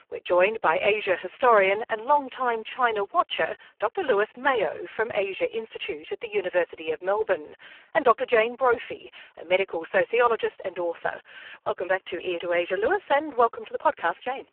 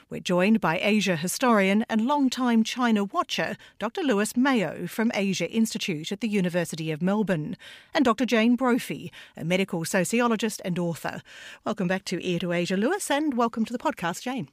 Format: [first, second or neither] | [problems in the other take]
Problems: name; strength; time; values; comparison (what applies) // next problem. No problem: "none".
second | phone-call audio; poor line